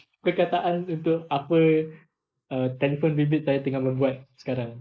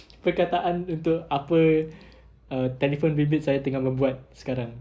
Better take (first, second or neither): second